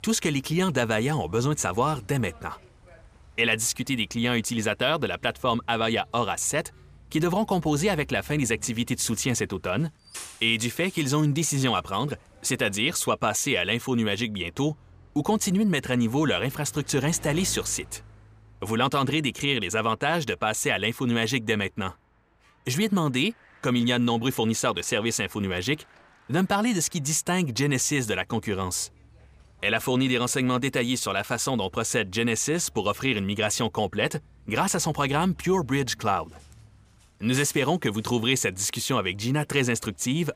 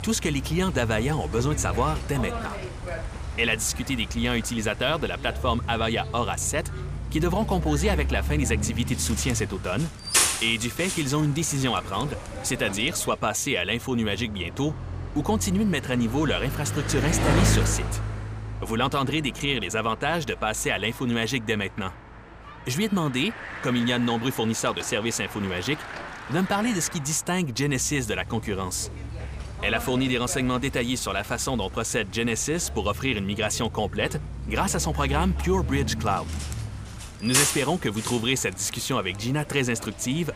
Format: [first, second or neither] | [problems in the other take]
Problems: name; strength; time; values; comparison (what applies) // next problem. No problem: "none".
first | traffic noise; loud; throughout; 6 dB below the speech; faint in the first